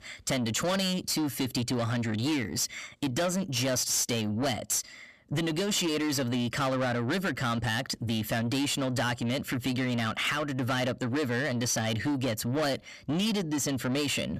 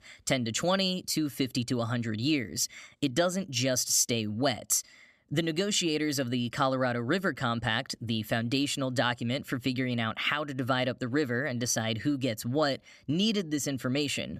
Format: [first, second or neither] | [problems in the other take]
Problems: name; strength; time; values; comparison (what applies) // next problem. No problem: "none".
second | distortion; heavy; 8 dB below the speech